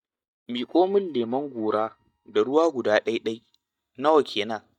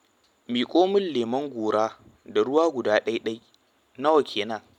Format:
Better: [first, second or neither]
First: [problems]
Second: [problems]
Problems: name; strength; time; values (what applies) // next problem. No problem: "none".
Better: second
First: noise reduction (neural mask model DeepFilterNet 3)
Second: none